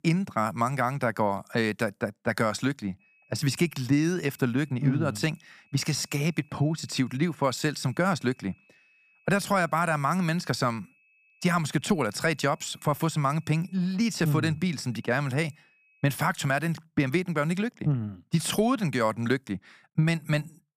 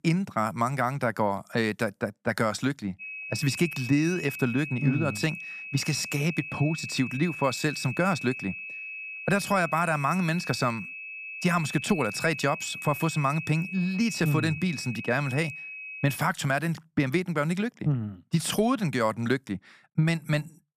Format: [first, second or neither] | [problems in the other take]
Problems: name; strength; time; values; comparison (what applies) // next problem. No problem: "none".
first | high-pitched whine; loud; from 3 to 16 s; 2.5 kHz, 8 dB below the speech; faint in the first